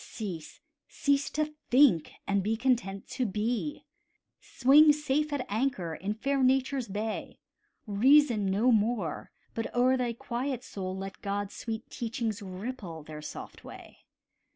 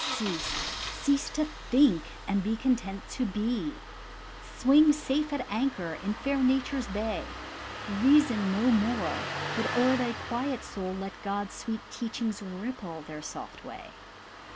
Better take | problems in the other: first | background sound (Engine starting); 10 dB below the speech

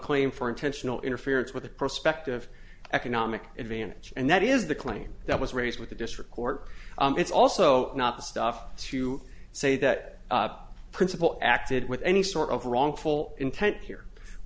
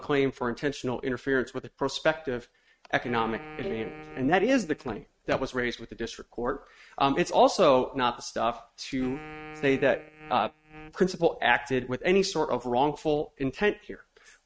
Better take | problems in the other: first | noise reduction (neural mask model RNNoise)

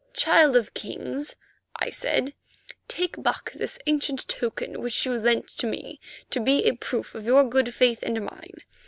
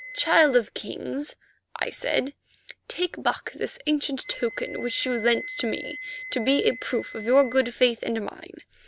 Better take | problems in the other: first | background sound (Wind instrument, woodwind instrument); 15 dB below the speech

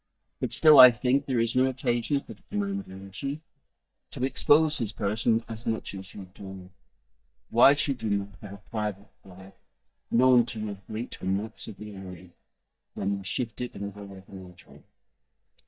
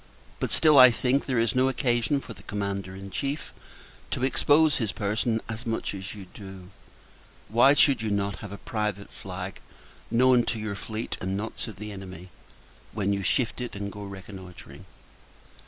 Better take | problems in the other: second | noise reduction (neural mask model DeepFilterNet 3)

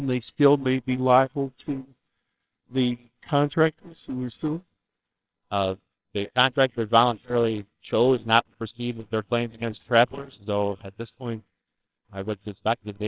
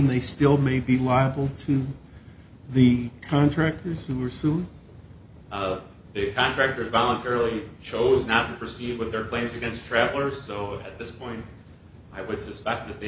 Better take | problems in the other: second | noise reduction (neural separator model SepFormer WHAMR!)

